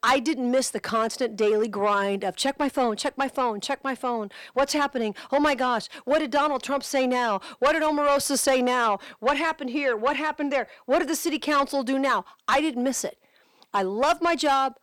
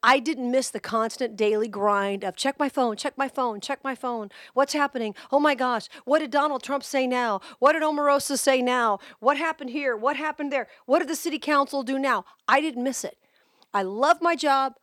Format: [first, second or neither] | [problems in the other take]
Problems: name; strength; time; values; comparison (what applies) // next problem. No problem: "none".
second | distortion; slight; 10 dB below the speech